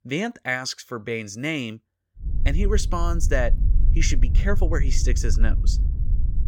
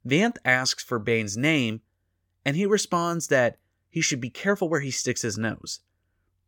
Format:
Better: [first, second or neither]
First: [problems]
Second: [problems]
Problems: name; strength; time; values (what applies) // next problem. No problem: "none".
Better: second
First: wind noise on the microphone; occasional gusts; from 2.5 s on; 15 dB below the speech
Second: none